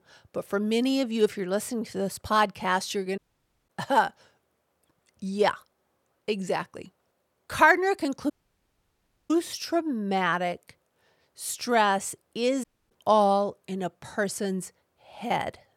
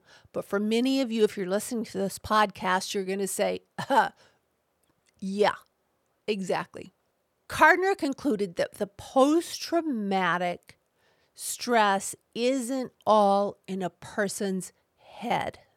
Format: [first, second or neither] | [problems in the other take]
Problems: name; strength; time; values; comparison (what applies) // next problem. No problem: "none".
second | audio cutting out; at 3 s for 0.5 s, at 8.5 s for 1 s and at 13 s